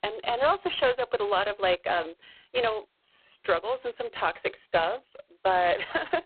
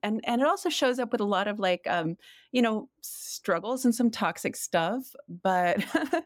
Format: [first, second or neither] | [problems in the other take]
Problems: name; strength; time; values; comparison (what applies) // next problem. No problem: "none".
second | phone-call audio; poor line; nothing above 4 kHz